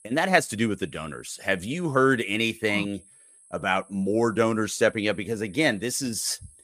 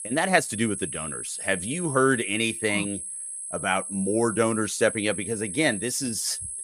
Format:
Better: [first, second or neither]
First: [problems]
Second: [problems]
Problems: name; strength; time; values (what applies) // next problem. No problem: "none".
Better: first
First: high-pitched whine; faint; throughout; 10.5 kHz, 25 dB below the speech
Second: high-pitched whine; loud; throughout; 10.5 kHz, 6 dB below the speech